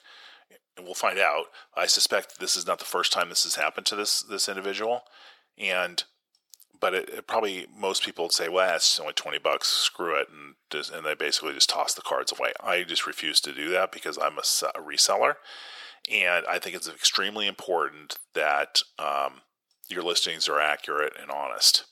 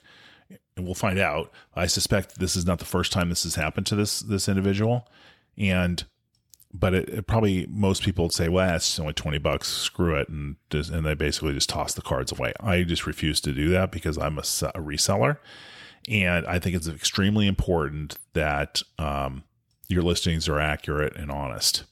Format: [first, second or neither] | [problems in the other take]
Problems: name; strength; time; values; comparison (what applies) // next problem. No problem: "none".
second | thin; very; fading below 450 Hz